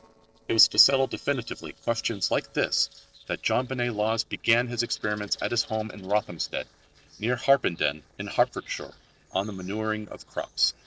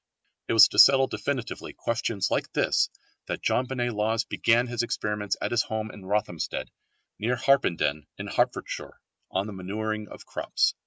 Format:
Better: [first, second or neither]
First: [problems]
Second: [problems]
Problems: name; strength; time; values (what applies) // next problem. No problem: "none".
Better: second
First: noise reduction (neural separator model SepFormer DNS4)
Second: none